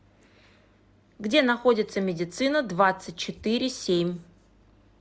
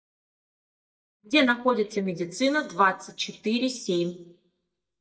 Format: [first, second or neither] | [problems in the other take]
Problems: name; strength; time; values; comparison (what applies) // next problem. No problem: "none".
first | noise reduction (neural mask model DeepFilterNet 3)